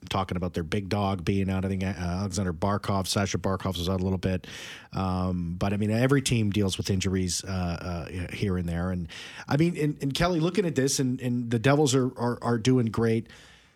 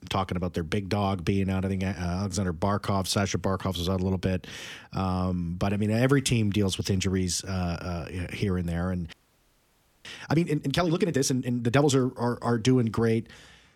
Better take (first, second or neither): first